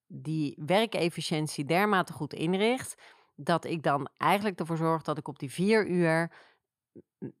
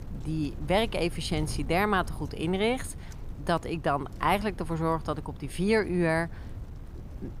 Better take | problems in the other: first | wind noise on the microphone; occasional gusts; 25 dB below the speech

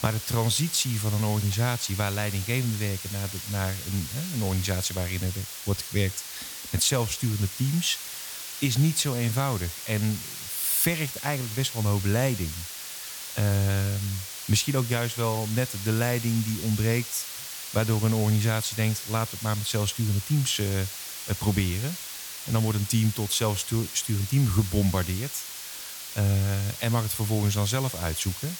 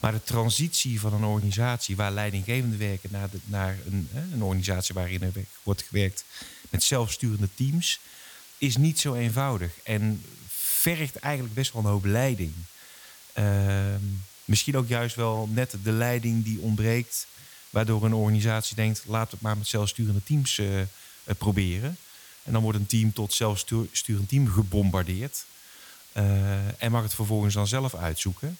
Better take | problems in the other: second | hiss; loud; throughout; 8 dB below the speech; faint in the second

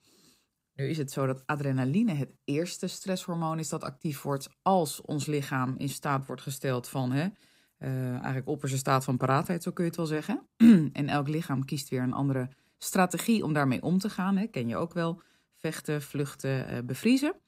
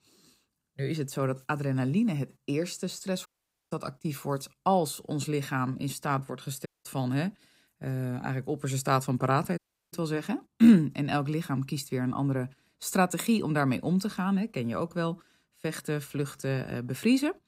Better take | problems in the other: first | audio cutting out; at 3.5 s, at 6.5 s and at 9.5 s

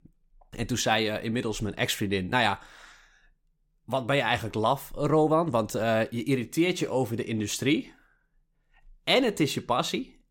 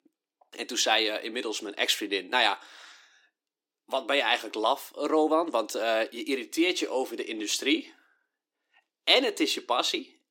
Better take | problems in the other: first | thin; somewhat; fading below 300 Hz

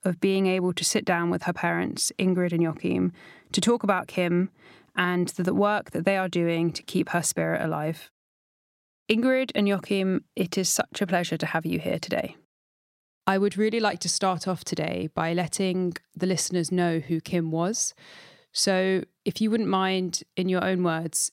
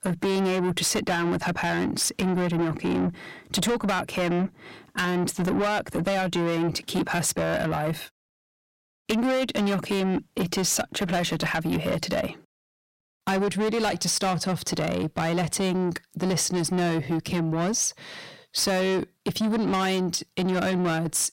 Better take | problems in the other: first | distortion; heavy; 7 dB below the speech

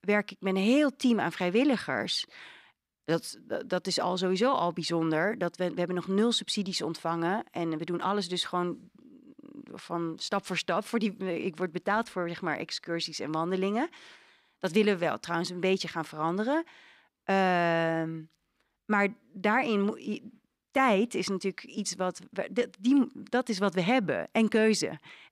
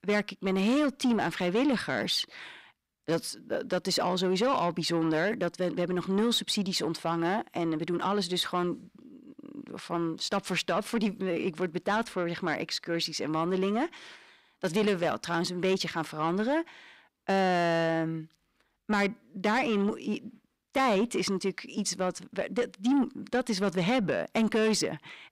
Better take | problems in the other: first | distortion; slight; 10 dB below the speech

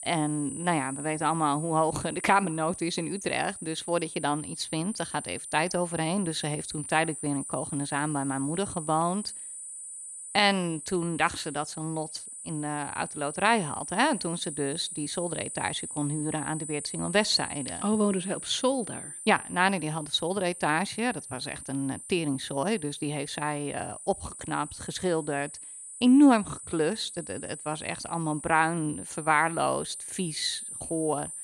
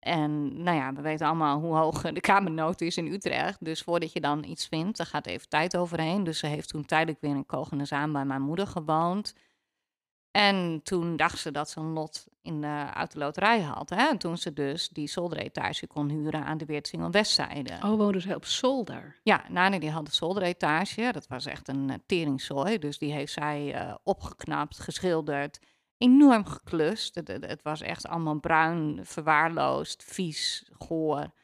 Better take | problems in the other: second | high-pitched whine; loud; throughout; 9 kHz, 9 dB below the speech

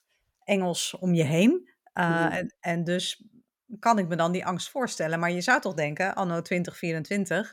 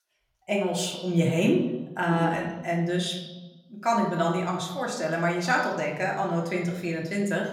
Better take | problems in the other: first | room echo; slight; dies away in 0.9 s // off-mic speech; far

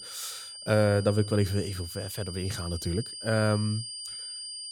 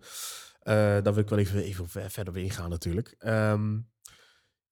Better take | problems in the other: second | high-pitched whine; loud; throughout; 5 kHz, 9 dB below the speech

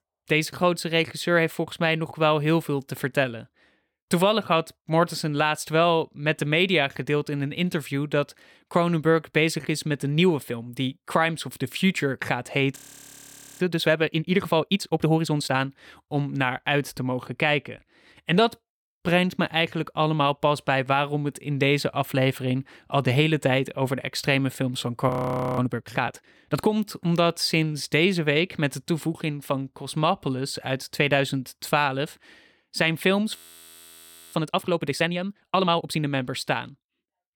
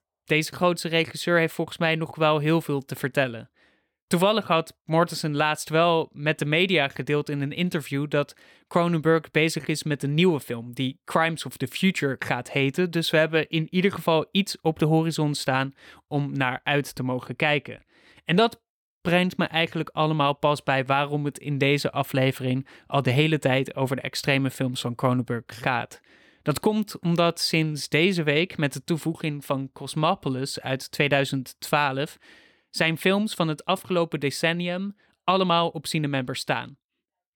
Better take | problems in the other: second | audio freezing; at 13 s for 1 s, at 25 s and at 33 s for 1 s

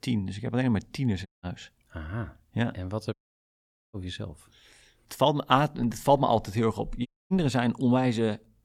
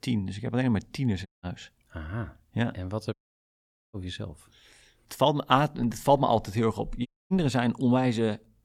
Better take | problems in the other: neither | audio cutting out; at 1.5 s, at 3 s for 1 s and at 7 s; the same in both

